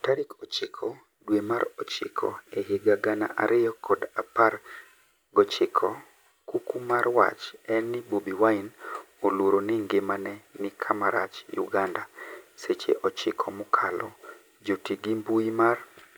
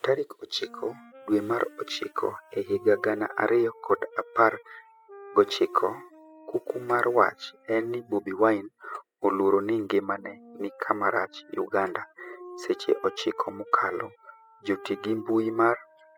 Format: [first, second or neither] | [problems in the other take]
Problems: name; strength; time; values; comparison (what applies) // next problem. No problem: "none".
first | noise reduction (classical method spectral subtraction)